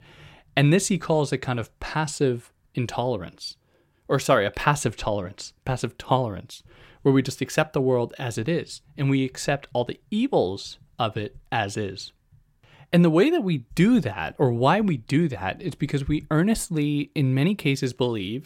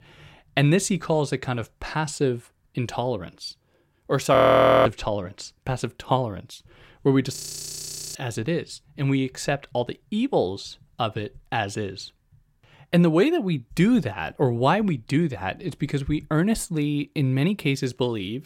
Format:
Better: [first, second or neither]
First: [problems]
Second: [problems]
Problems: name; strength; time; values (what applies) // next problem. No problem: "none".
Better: first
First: none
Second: audio freezing; at 4.5 s for 0.5 s and at 7.5 s for 1 s